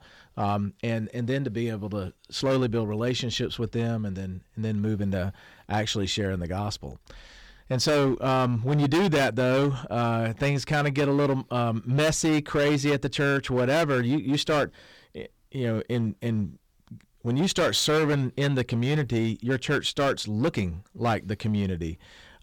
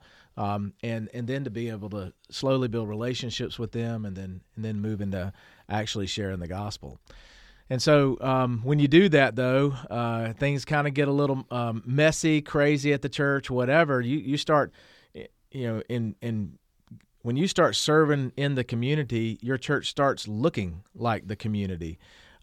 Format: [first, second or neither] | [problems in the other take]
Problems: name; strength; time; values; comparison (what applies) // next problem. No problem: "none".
second | distortion; heavy; 10% of the sound clipped